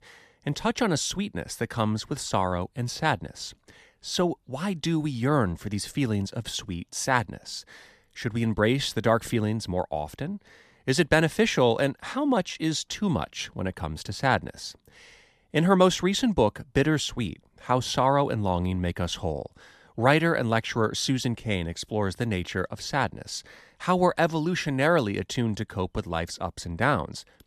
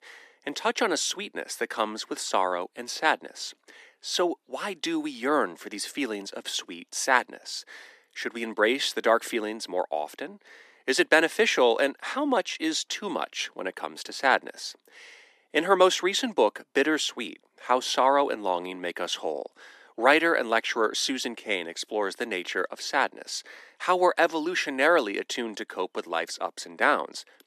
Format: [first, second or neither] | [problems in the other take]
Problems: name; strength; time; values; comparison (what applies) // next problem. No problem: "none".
first | thin; somewhat; fading below 300 Hz